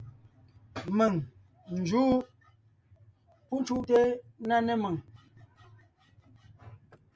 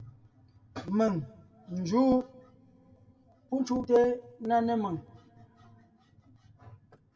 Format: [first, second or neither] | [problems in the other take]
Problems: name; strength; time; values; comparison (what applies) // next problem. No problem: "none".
first | room echo; dies away in 0.2 s